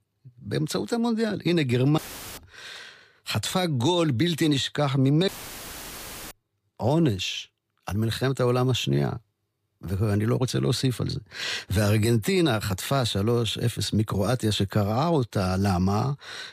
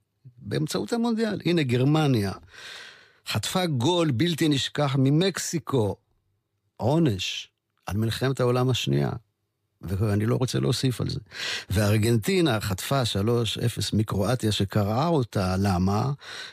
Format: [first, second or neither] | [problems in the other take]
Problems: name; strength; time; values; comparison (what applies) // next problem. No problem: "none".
second | audio cutting out; filled with static; at 2 s and at 5.5 s for 1 s